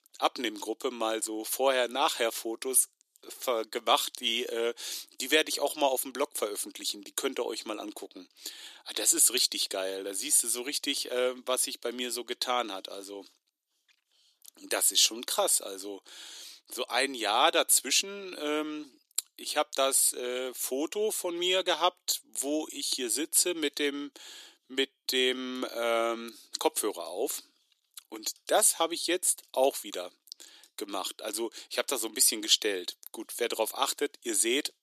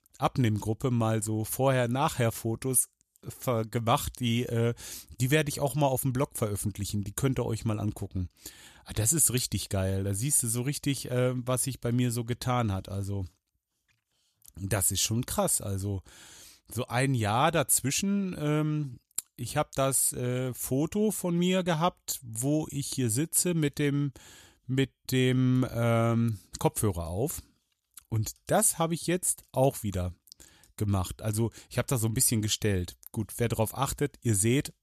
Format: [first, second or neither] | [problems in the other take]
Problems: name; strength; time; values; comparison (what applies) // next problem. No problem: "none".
second | thin; very; fading below 300 Hz